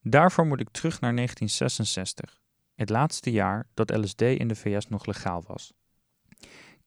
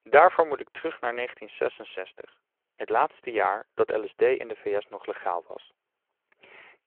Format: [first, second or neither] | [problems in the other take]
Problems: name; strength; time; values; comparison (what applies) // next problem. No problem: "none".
first | phone-call audio